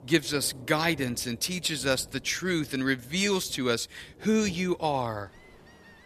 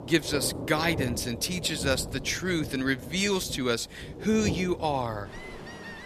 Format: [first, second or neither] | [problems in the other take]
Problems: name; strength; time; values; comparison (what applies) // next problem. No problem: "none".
first | rain or running water; loud; throughout; 10 dB below the speech; faint in the first